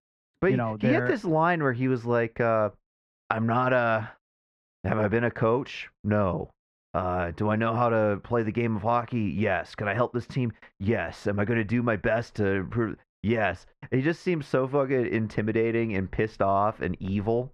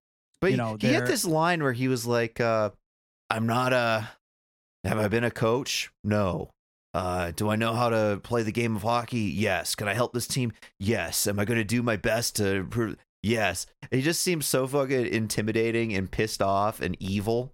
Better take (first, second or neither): second